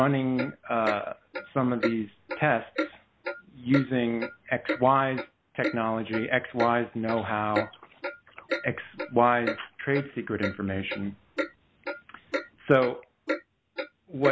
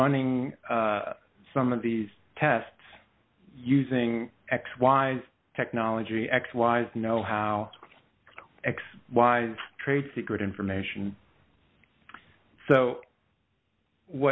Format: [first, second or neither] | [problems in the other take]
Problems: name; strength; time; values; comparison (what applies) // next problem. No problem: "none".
second | background sound (Clock); 8 dB below the speech